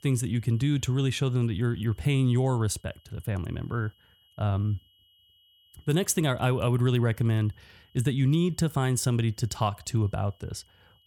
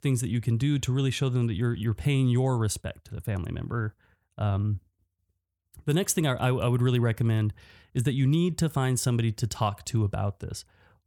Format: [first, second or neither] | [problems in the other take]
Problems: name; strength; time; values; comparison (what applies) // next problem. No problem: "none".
second | high-pitched whine; faint; throughout; 3 kHz, 35 dB below the speech